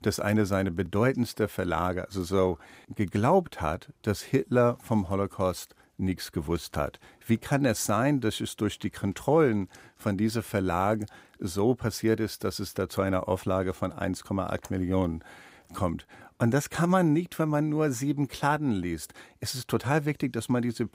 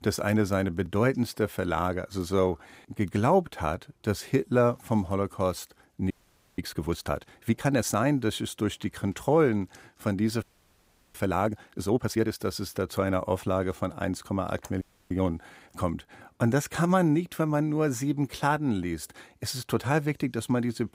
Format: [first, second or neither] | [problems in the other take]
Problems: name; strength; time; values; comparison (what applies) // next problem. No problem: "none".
first | audio freezing; at 6 s, at 10 s for 0.5 s and at 15 s